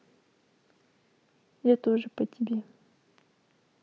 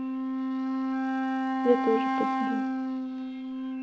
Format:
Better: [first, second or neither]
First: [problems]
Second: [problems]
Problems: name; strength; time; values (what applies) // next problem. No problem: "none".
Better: first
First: none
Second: background sound (Wind instrument, woodwind instrument); 4 dB above the speech // room echo; dies away in 0.4 s